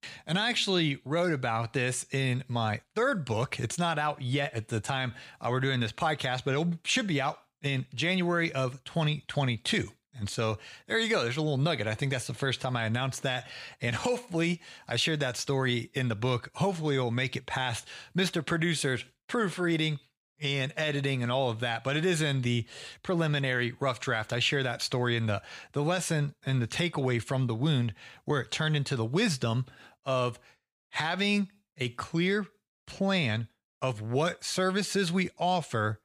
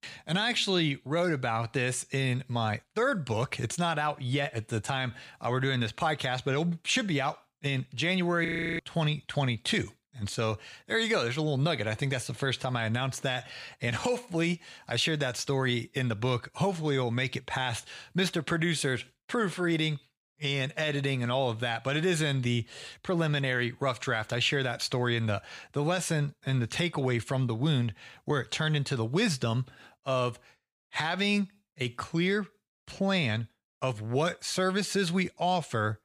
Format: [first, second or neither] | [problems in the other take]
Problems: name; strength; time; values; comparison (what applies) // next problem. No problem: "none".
first | audio freezing; at 8.5 s